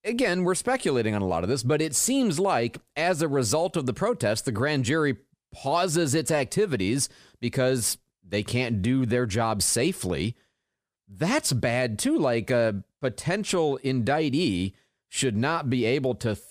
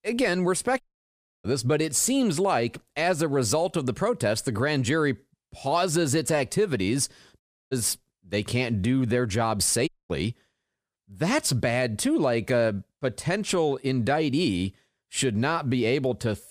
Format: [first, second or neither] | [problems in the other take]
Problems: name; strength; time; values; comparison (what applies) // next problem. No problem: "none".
first | audio cutting out; at 1 s for 0.5 s, at 7.5 s and at 10 s